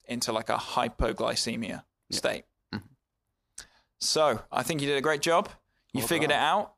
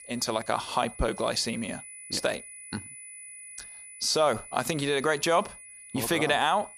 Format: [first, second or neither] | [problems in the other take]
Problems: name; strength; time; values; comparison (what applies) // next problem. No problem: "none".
first | high-pitched whine; noticeable; throughout; 10 kHz, 15 dB below the speech